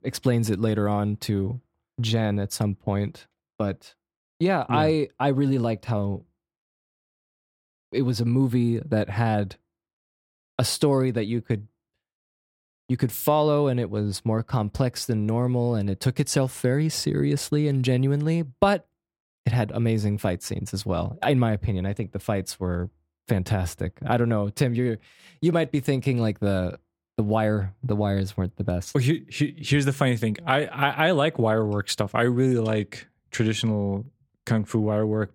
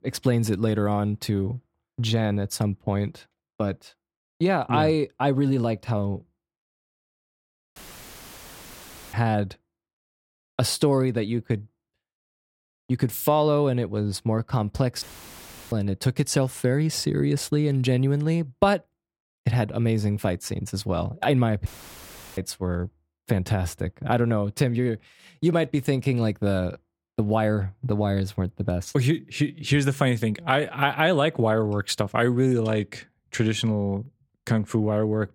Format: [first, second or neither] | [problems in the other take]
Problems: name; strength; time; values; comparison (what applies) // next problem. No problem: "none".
first | audio cutting out; filled with static; at 8 s for 1.5 s, at 15 s for 0.5 s and at 22 s for 0.5 s